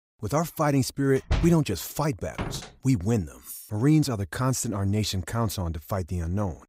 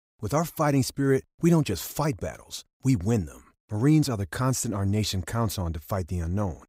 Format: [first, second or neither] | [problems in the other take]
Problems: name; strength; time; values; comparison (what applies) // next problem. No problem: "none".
second | door banging; noticeable; at 1.5 s and at 2.5 s; peak 4 dB below the speech // clattering dishes; faint; at 3.5 s; peak 15 dB below the speech